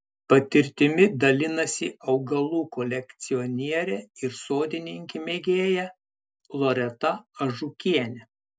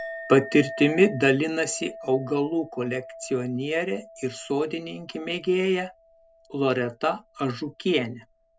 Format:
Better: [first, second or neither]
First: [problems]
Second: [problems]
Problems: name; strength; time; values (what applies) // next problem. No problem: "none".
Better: first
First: none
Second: background sound (Chink, clink); 17 dB below the speech